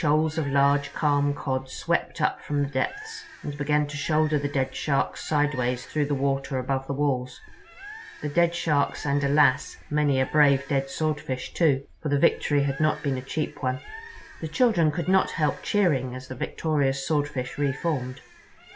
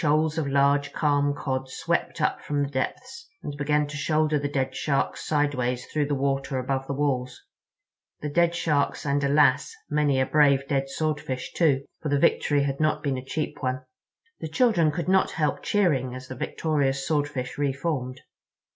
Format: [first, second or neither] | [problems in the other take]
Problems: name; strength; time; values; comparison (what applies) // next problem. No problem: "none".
second | background sound (Bird); 19 dB below the speech